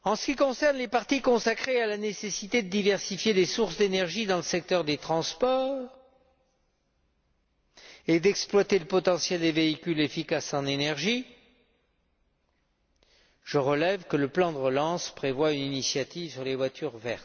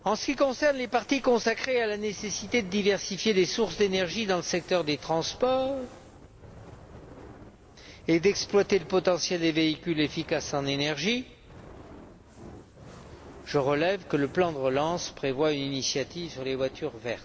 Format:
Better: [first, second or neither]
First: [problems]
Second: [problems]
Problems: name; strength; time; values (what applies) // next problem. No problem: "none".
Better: first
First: none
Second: background sound (Fire); 20 dB below the speech